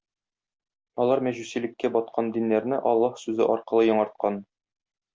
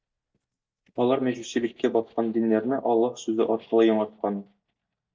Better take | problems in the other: first | noise reduction (neural mask model DeepFilterNet 3)

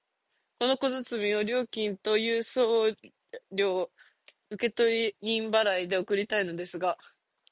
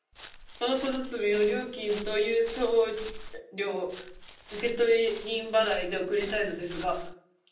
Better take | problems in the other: first | background sound (Walk, footsteps); 14 dB below the speech // room echo; dies away in 0.6 s

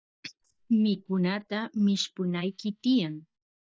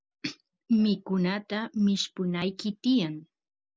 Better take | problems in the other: second | noise reduction (neural mask model DeepFilterNet 3)

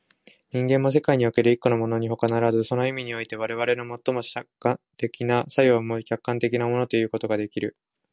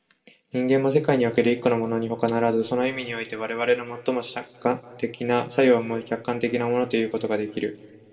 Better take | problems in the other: first | room echo; dies away in 1.6 s

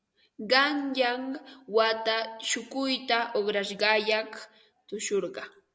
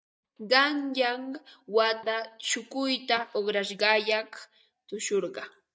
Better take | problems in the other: first | noise reduction (neural mask model DeepFilterNet 3)

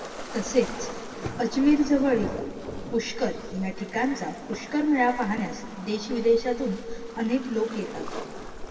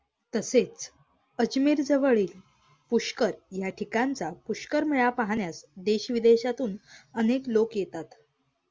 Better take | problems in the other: second | background sound (Waves, surf); 10 dB below the speech // room echo; dies away in 2 s

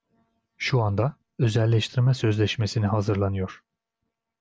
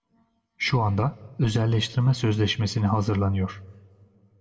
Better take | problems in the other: first | room echo; dies away in 0.3 s

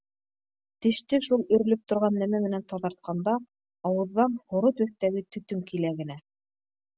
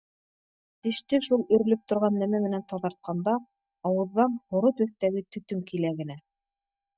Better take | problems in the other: first | noise reduction (neural mask model DeepFilterNet 3)

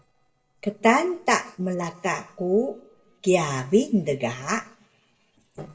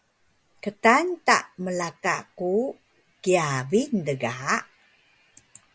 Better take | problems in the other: second | noise reduction (neural separator model SepFormer DNS4)

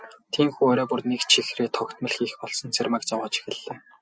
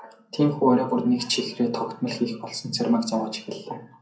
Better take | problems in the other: first | room echo; dies away in 0.5 s

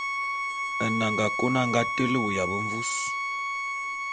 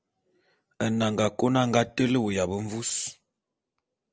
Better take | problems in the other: second | background sound (Bowed string instrument); as loud as the speech

